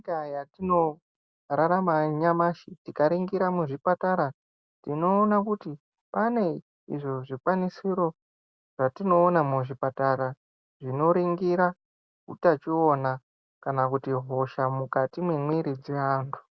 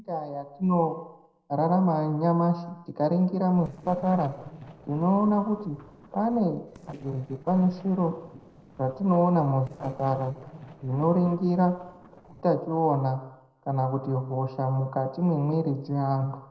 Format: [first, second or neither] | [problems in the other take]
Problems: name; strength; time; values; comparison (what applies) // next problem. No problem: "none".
first | noise reduction (neural separator model SepFormer DNS4)